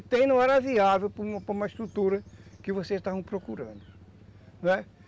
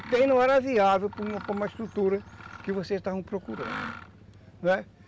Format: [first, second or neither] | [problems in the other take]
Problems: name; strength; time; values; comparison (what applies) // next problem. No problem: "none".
first | background sound (Mechanisms); 16 dB below the speech